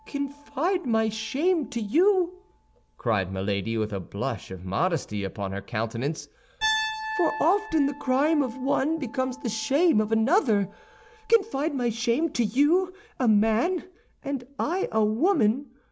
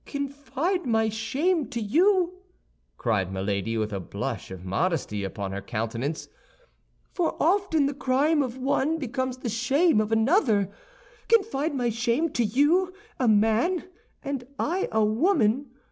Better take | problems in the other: second | background sound (Piano); 15 dB below the speech

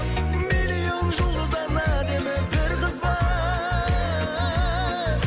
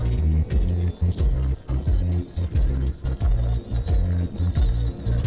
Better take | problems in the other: first | noise reduction (neural separator model SepFormer DNS4)

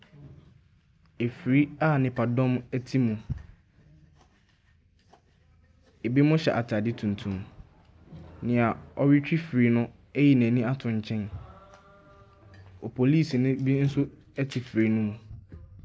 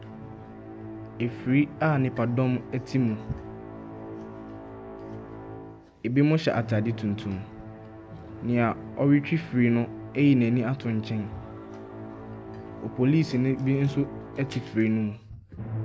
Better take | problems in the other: first | background sound (Musical instrument); 12 dB below the speech

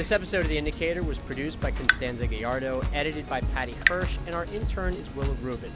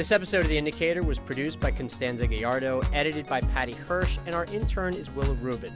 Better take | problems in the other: second | background sound (Drip / Water tap, faucet); 4 dB below the speech

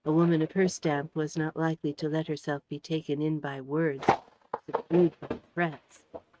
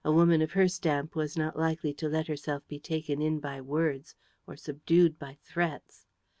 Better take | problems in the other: second | noise reduction (neural mask model RNNoise)

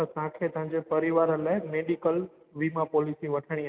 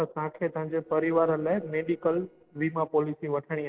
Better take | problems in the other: first | noise reduction (neural separator model SepFormer DNS4)

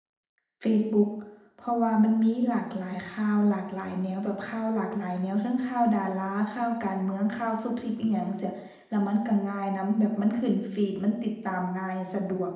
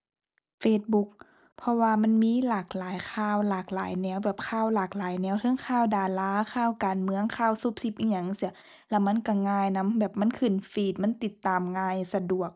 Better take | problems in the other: second | room echo; dies away in 0.8 s

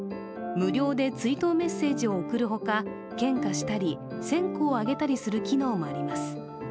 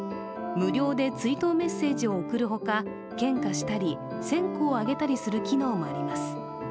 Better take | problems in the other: first | background sound (Wind instrument, woodwind instrument); 14 dB below the speech

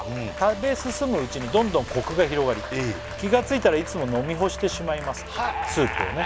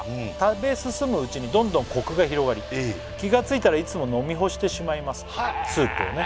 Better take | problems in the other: second | background sound (Applause); 16 dB below the speech

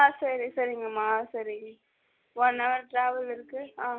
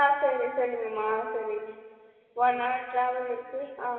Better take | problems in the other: first | room echo; dies away in 2.1 s

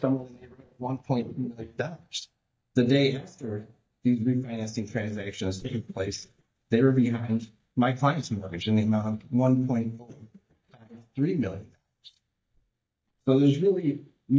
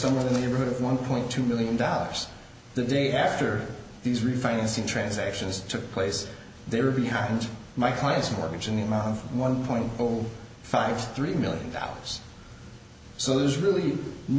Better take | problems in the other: second | noise reduction (neural mask model DeepFilterNet 3)

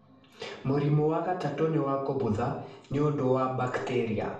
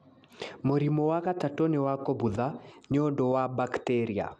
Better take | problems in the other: second | room echo; dies away in 0.5 s

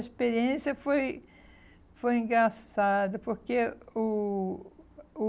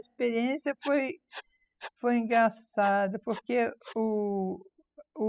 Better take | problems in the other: first | noise reduction (classical method spectral subtraction)

